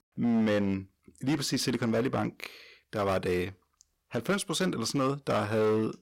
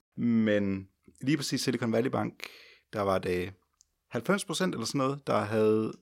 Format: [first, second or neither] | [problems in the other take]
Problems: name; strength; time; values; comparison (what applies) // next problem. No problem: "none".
second | distortion; slight; 10% of the sound clipped